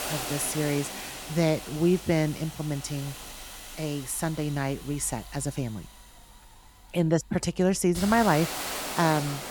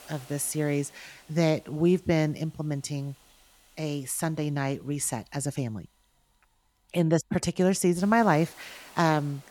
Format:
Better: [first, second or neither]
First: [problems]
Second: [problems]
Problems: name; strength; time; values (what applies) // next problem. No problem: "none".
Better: second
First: hiss; loud; throughout; 9 dB below the speech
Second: hiss; faint; throughout; 25 dB below the speech